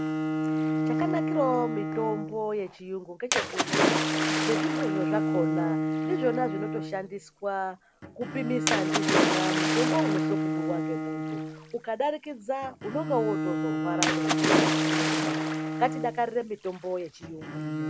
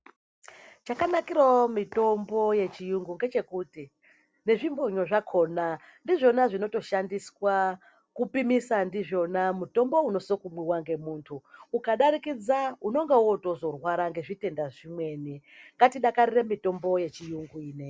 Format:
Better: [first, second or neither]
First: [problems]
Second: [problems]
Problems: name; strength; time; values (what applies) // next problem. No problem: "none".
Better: second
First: background sound (Bowed string instrument + Splash, splatter); 4 dB above the speech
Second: none